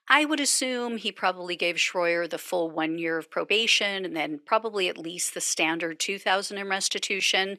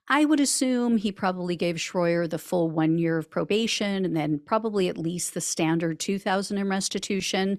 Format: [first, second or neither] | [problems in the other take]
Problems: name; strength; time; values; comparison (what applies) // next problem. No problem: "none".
second | thin; somewhat; fading below 450 Hz